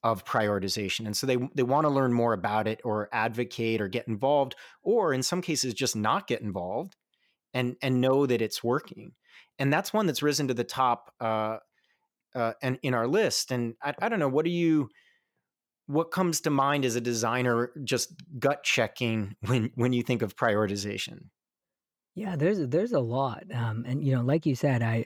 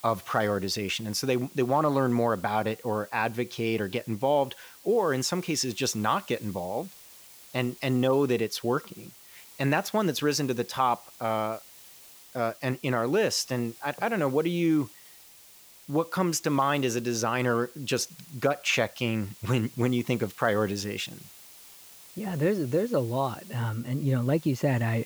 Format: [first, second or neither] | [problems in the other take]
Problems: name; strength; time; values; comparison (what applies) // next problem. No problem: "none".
first | hiss; faint; throughout; 20 dB below the speech